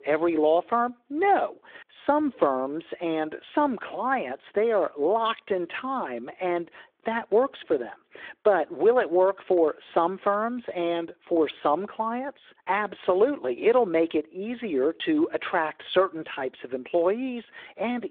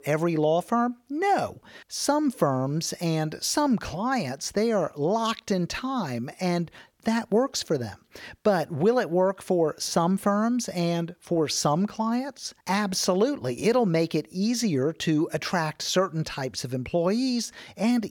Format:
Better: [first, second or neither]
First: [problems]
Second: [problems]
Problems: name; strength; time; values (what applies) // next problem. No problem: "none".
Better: second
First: phone-call audio; nothing above 3.5 kHz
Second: none